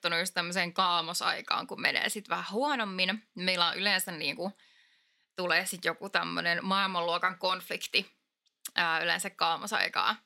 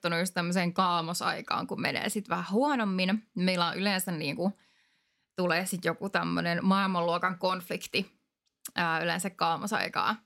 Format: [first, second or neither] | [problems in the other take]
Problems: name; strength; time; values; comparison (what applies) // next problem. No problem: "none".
second | thin; somewhat; fading below 1 kHz